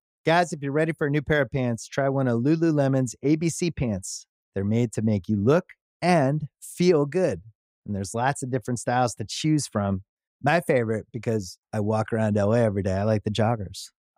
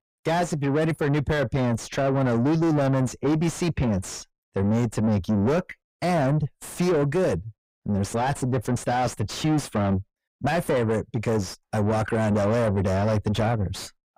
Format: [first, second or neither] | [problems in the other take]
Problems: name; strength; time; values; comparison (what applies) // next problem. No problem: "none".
first | distortion; heavy; 6 dB below the speech